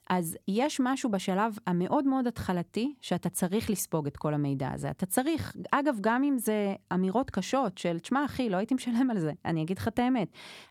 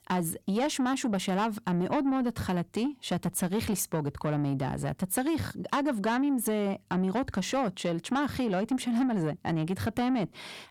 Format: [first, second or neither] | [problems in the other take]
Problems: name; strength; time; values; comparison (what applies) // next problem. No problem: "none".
first | distortion; slight; 10 dB below the speech